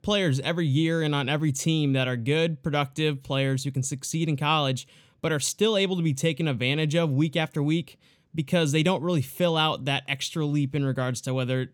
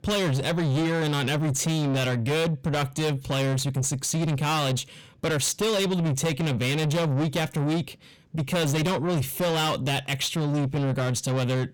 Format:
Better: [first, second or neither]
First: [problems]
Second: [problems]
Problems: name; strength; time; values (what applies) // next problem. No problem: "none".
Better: first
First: none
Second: distortion; heavy; 7 dB below the speech